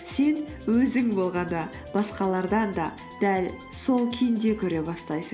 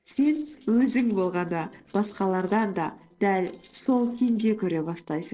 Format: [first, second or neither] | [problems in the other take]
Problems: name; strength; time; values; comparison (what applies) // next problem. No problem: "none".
first | noise reduction (neural separator model SepFormer DNS4)